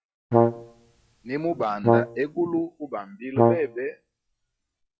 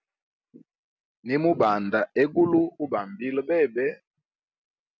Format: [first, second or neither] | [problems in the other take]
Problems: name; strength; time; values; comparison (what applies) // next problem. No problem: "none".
second | noise reduction (classical method log-MMSE)